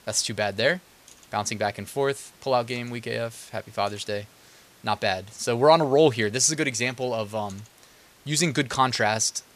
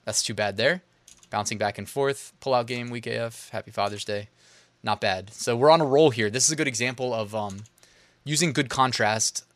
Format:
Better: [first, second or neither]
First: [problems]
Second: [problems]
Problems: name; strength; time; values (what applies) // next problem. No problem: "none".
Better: second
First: hiss; faint; throughout; 30 dB below the speech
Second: none